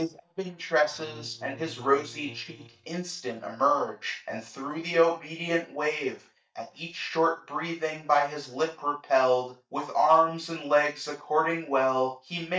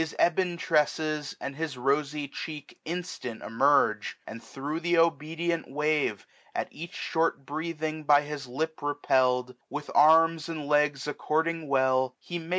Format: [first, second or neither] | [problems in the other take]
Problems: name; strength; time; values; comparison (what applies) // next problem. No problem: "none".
second | noise reduction (neural mask model DeepFilterNet 3)